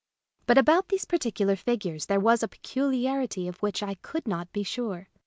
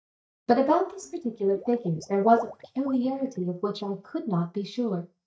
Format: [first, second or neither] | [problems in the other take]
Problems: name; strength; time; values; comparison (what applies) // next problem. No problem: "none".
first | noise reduction (neural mask model DeepFilterNet 3)